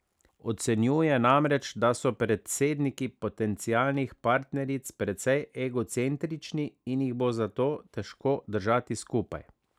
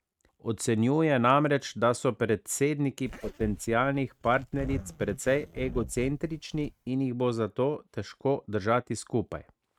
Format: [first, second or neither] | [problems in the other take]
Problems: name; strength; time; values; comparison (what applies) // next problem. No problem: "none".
first | noise reduction (neural mask model RNNoise)